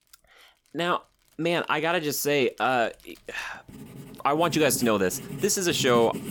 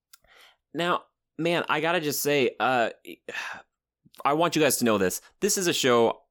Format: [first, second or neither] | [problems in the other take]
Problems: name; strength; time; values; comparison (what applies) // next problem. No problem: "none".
second | household noises; noticeable; throughout; 15 dB below the speech